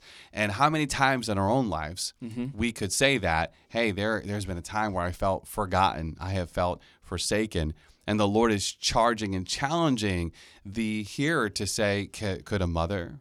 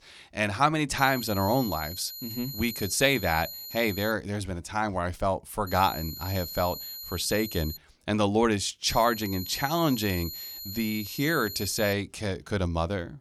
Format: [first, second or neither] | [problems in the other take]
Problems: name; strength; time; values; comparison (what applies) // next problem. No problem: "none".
first | high-pitched whine; loud; from 1 to 4 s, from 5.5 to 8 s and from 9 to 12 s; 4 kHz, 9 dB below the speech